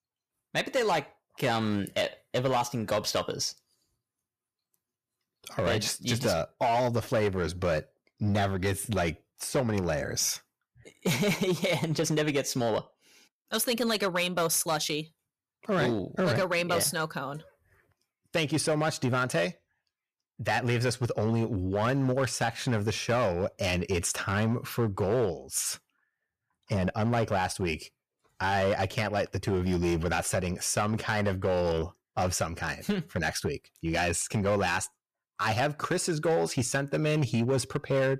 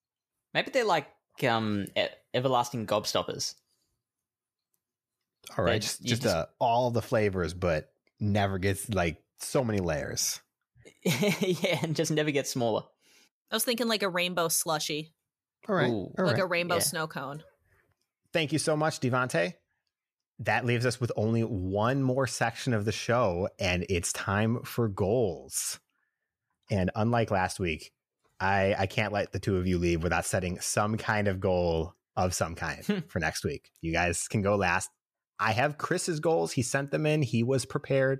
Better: second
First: distortion; slight; 7% of the sound clipped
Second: none

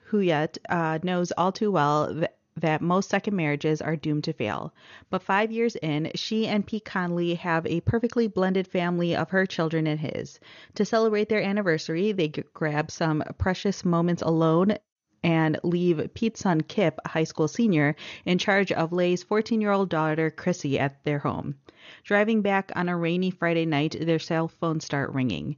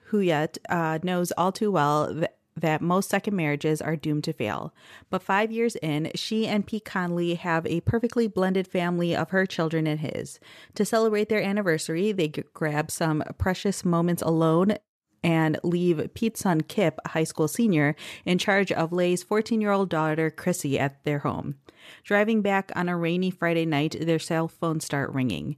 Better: second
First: garbled, watery; slightly; nothing above 6.5 kHz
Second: none

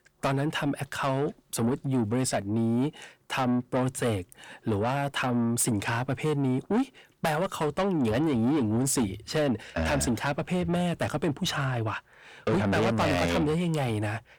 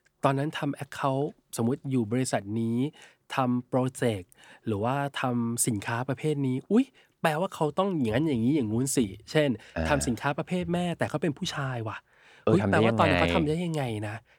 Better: second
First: distortion; heavy; 7 dB below the speech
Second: none

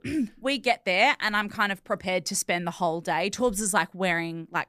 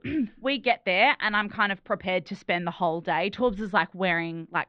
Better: first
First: none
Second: muffled; slightly; fading above 3.5 kHz

